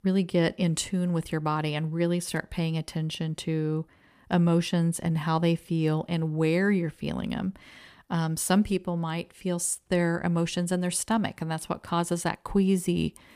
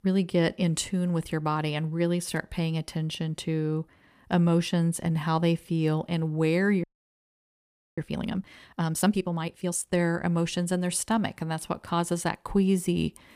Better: first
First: none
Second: audio freezing; at 7 s for 1 s

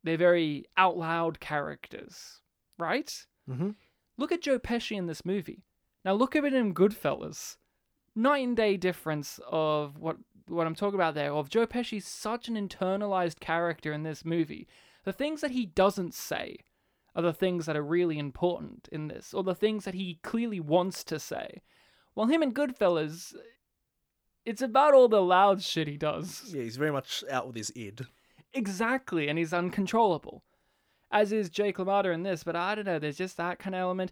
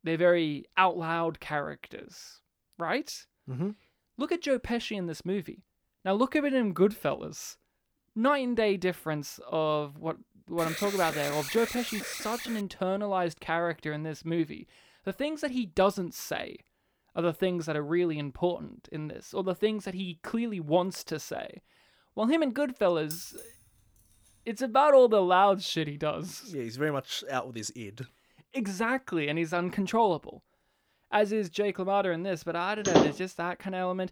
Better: first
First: none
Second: alarm; noticeable; from 11 to 13 s; peak 5 dB below the speech // jangling keys; noticeable; at 23 s; peak 10 dB below the speech // door banging; loud; at 33 s; peak 5 dB above the speech

